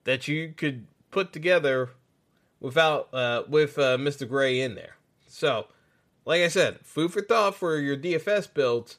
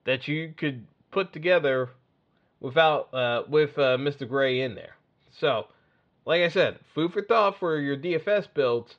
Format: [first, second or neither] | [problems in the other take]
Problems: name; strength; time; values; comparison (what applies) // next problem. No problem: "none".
first | muffled; slightly; fading above 4 kHz